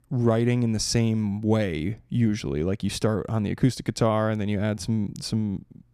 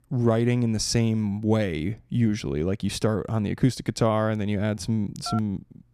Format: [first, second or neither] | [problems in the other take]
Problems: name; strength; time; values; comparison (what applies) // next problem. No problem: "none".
first | phone ringing; faint; at 5.5 s; peak 10 dB below the speech